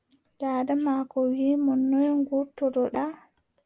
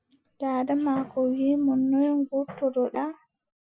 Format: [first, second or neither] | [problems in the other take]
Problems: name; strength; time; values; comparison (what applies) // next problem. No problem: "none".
first | noise reduction (classical method Wiener filter)